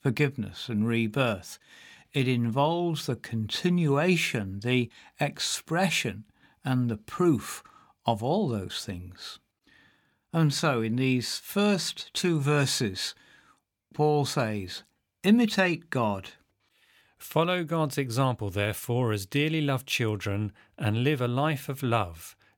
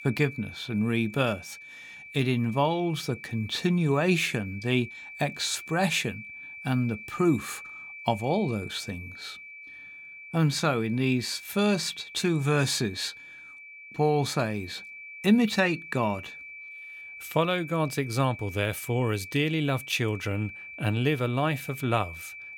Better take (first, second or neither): first